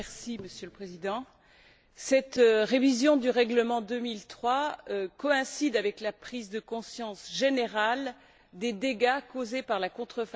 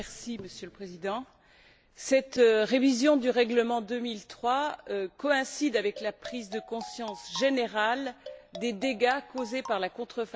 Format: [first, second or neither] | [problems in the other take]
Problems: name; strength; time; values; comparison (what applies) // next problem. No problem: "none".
first | background sound (Marimba, xylophone); 16 dB below the speech